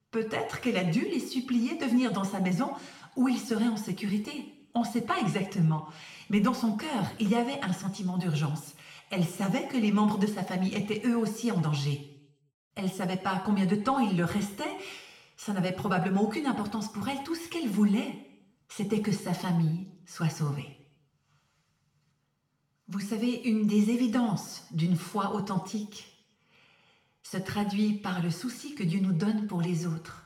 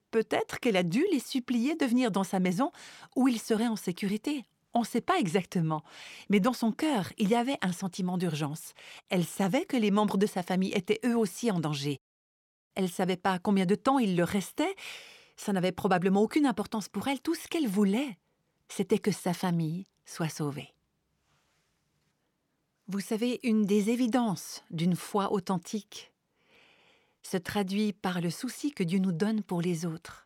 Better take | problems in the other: second | room echo; slight; dies away in 0.6 s // off-mic speech; somewhat distant

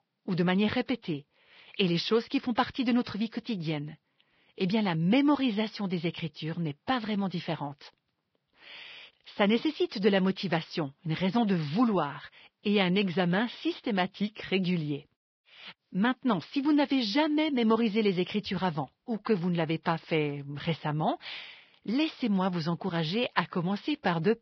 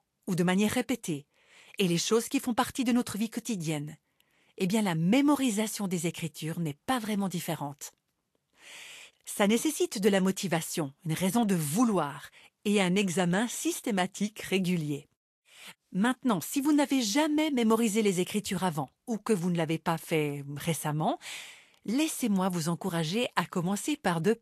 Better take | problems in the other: second | garbled, watery; badly; nothing above 5.5 kHz; slightly in the second

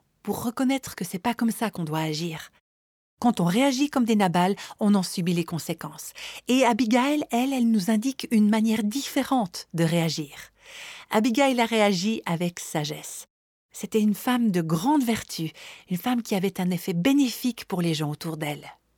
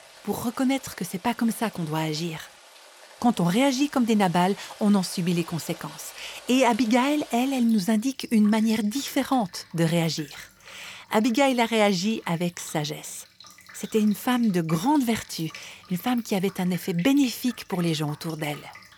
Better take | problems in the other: first | rain or running water; faint; throughout; 20 dB below the speech

